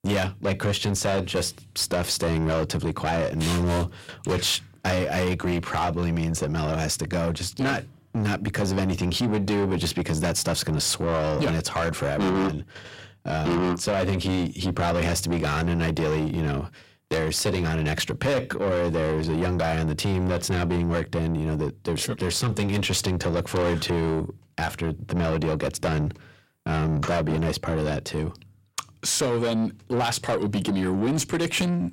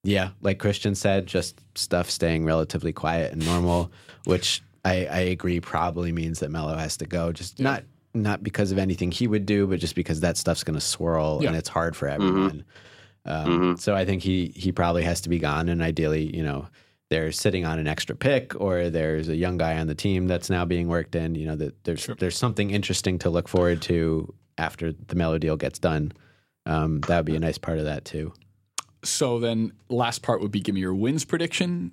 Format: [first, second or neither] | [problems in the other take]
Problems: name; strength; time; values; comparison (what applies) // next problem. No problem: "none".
second | distortion; heavy; 7 dB below the speech